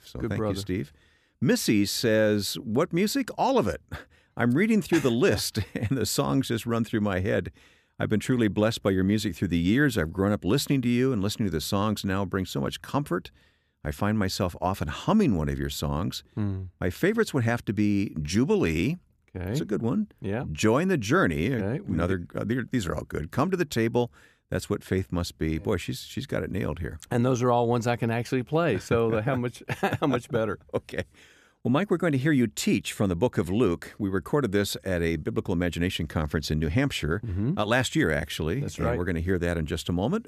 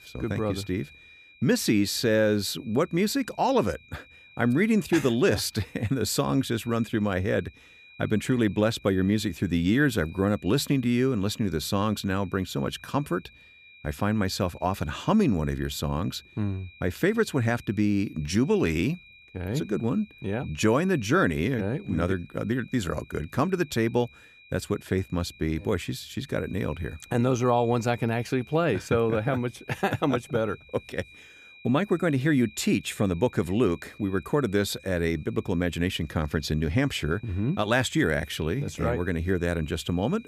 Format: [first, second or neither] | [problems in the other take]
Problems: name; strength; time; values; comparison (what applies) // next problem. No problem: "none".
first | high-pitched whine; faint; throughout; 2.5 kHz, 25 dB below the speech